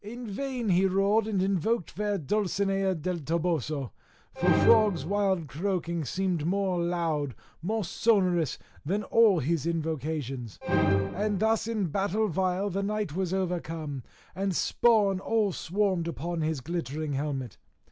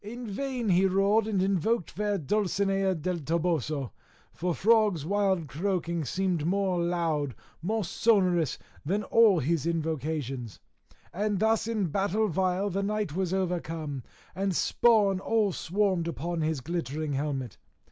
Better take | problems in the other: second | background sound (Musical instrument); 3 dB below the speech

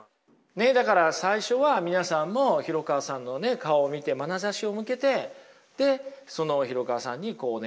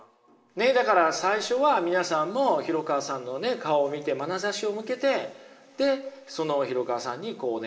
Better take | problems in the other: first | room echo; dies away in 2.7 s

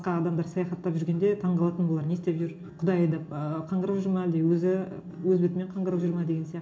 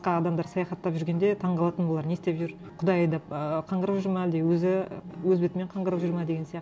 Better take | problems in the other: second | room echo; dies away in 0.4 s

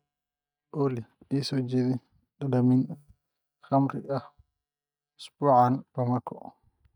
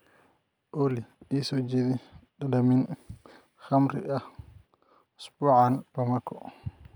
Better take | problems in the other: second | noise reduction (neural mask model DeepFilterNet 3)

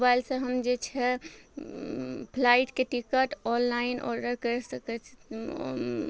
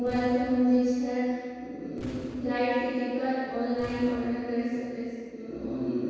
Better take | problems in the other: first | background sound (Boom); 19 dB below the speech // room echo; dies away in 2 s

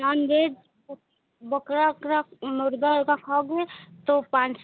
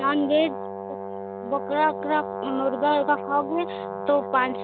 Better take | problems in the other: first | background sound (Brass instrument); 7 dB below the speech

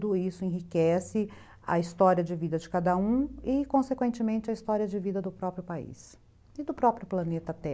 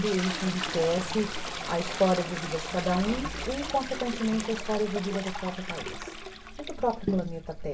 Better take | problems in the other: first | background sound (Toilet flush); 6 dB below the speech // room echo; dies away in 0.1 s

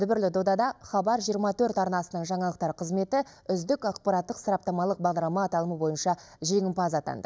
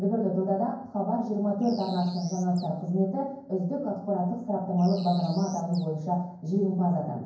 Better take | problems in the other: first | background sound (Bird); 20 dB below the speech // room echo; dies away in 0.9 s

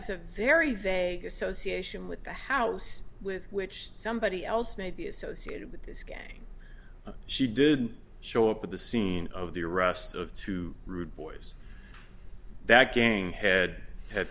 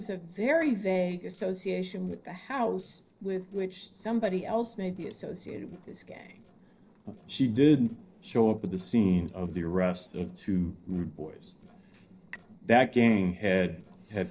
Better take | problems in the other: first | noise reduction (neural separator model SepFormer DNS4)

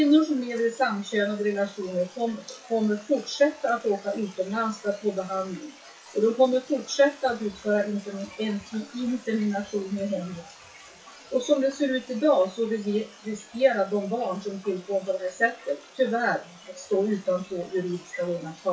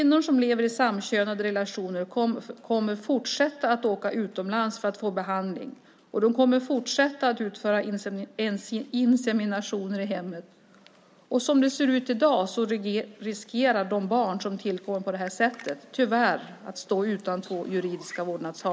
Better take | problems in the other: second | noise reduction (classical method WPE with log-MMSE)

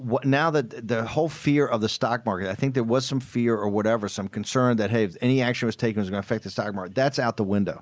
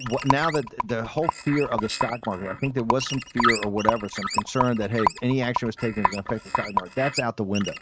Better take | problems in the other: first | noise reduction (neural mask model RNNoise)

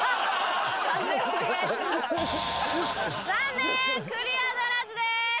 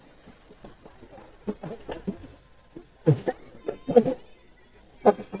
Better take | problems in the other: first | noise reduction (neural mask model DeepFilterNet 3)

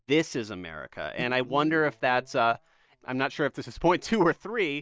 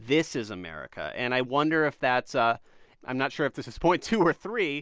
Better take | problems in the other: second | noise reduction (neural mask model DeepFilterNet 3)

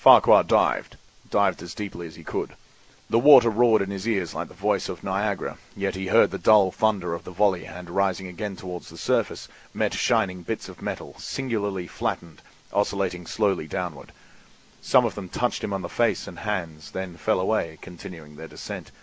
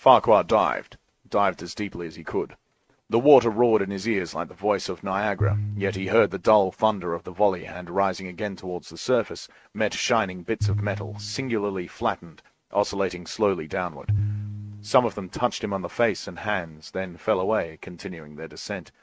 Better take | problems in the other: first | noise reduction (neural mask model RNNoise)

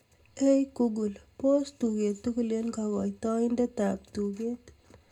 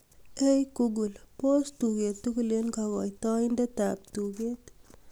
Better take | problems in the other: second | room echo; dies away in 0.2 s

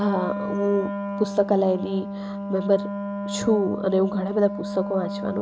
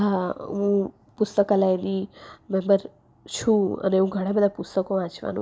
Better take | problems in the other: second | background sound (Wind instrument, woodwind instrument); 6 dB below the speech

